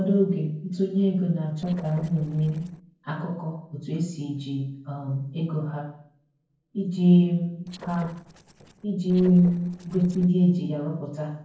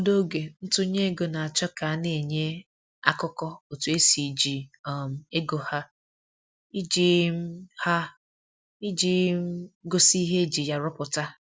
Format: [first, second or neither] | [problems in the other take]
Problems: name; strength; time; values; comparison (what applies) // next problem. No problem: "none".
second | noise reduction (neural separator model SepFormer DNS4)